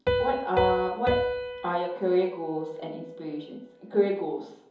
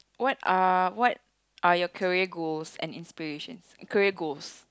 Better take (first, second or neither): second